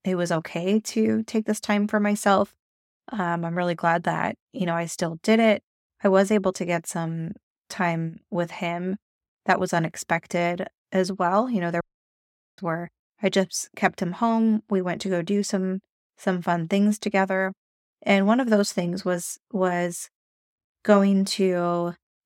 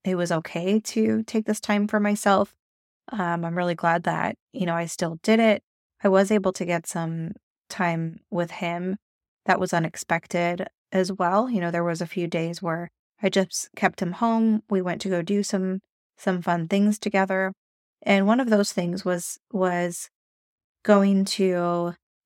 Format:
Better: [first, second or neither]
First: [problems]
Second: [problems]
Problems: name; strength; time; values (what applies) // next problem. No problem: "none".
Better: second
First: audio cutting out; at 12 s for 1 s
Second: none